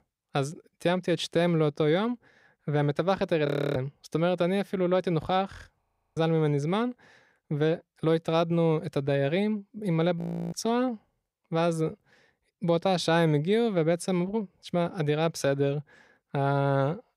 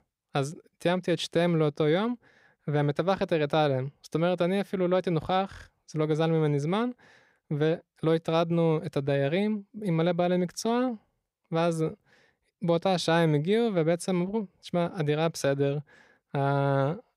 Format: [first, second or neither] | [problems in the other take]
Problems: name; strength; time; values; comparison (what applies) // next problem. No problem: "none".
second | audio freezing; at 3.5 s, at 6 s and at 10 s